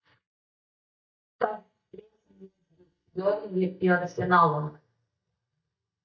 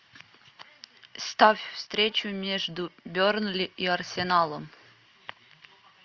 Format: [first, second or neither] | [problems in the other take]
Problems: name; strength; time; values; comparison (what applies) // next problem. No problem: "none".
second | noise reduction (neural mask model DeepFilterNet 3)